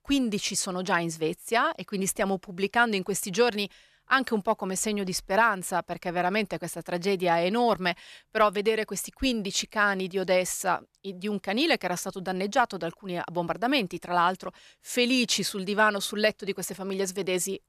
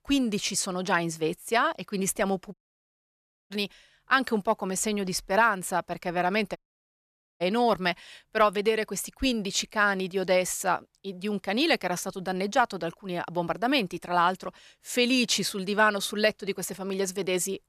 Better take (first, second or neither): first